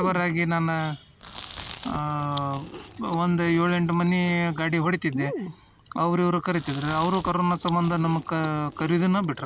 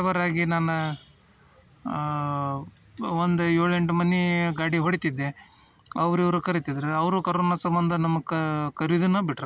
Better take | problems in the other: second | background sound (Chewing, mastication); 15 dB below the speech

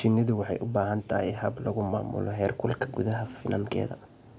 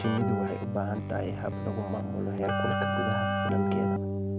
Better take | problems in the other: first | background sound (Keyboard (musical)); 4 dB above the speech

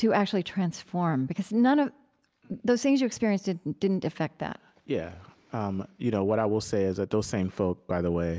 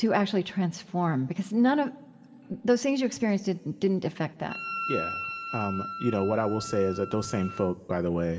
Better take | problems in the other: first | background sound (Wind instrument, woodwind instrument); 9 dB below the speech // room echo; dies away in 2.3 s

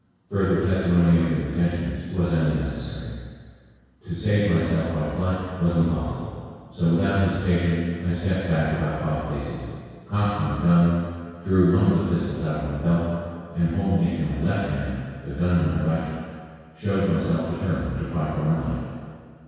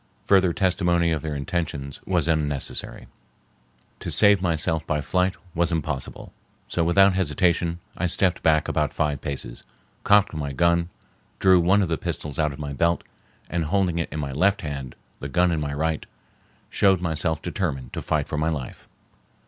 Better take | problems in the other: second | room echo; dies away in 2 s

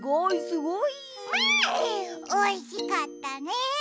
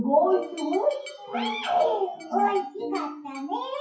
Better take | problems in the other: first | noise reduction (classical method WPE with log-MMSE)

